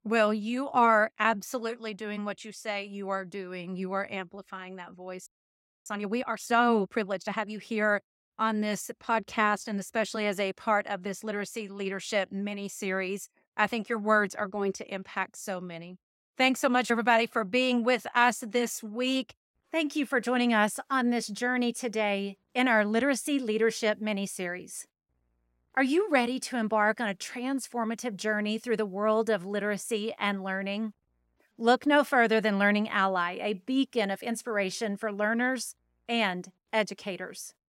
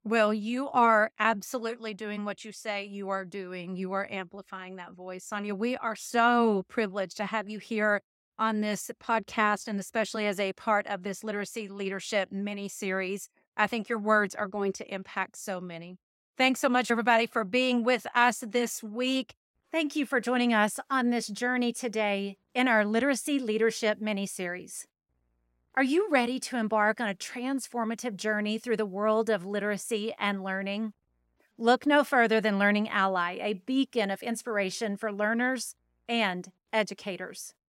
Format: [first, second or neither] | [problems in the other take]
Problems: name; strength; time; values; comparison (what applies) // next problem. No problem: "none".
second | audio freezing; at 5.5 s for 0.5 s